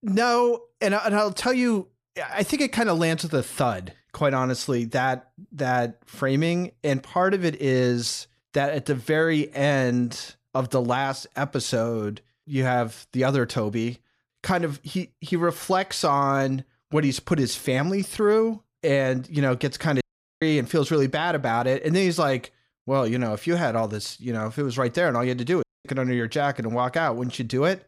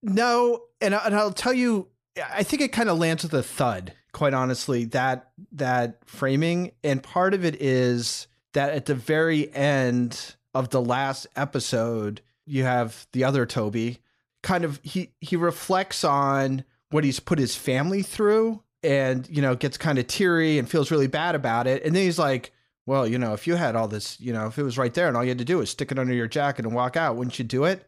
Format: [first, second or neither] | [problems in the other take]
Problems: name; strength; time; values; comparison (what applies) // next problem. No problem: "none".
second | audio cutting out; at 20 s and at 26 s